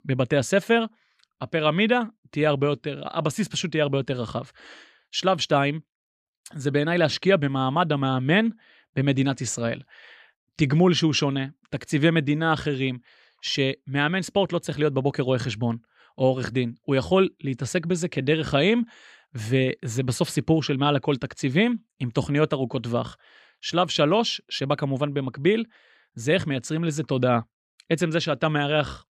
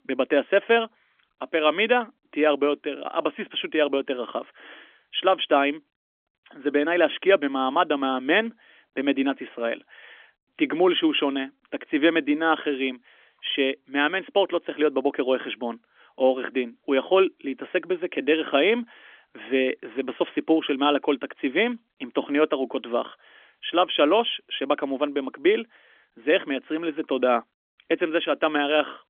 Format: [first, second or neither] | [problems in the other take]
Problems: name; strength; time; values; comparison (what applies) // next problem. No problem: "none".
first | phone-call audio; nothing above 3.5 kHz